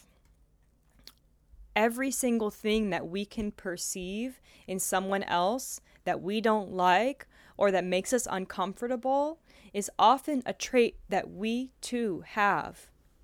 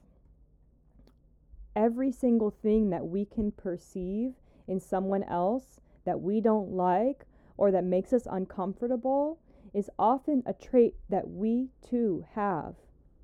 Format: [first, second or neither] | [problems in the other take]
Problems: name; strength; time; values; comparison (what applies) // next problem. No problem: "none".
first | muffled; very; fading above 1.5 kHz